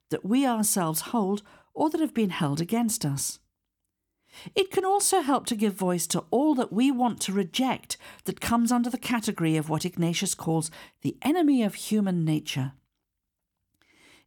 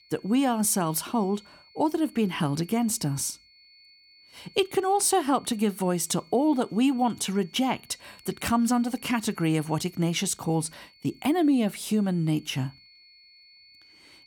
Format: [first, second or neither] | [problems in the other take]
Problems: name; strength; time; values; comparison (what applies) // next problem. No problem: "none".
first | high-pitched whine; faint; throughout; 4.5 kHz, 25 dB below the speech